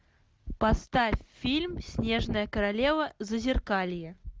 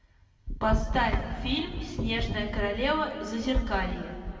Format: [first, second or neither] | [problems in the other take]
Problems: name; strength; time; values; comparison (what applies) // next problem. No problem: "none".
first | room echo; dies away in 2 s